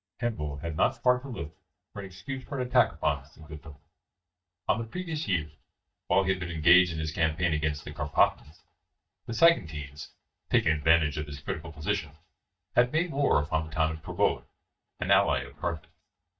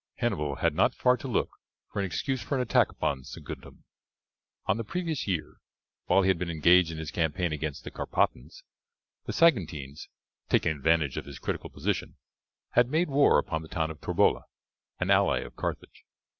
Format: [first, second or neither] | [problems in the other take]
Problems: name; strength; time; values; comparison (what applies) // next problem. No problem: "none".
second | noise reduction (neural mask model DeepFilterNet 3)